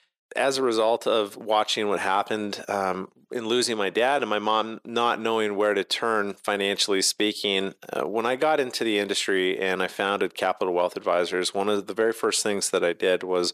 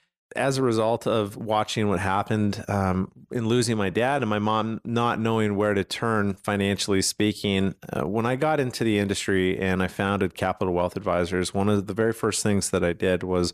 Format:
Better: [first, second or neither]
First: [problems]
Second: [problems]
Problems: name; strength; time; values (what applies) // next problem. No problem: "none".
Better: second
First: thin; somewhat; fading below 400 Hz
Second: none